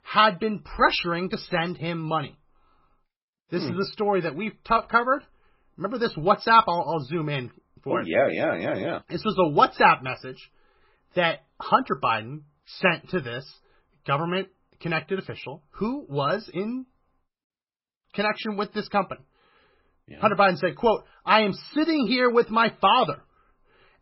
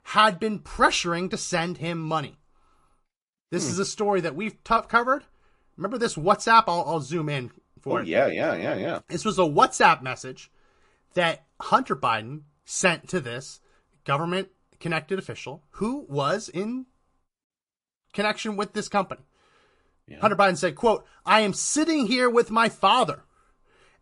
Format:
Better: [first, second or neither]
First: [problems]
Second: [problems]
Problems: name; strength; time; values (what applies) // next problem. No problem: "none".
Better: second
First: garbled, watery; badly; nothing above 5.5 kHz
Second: garbled, watery; slightly; nothing above 10 kHz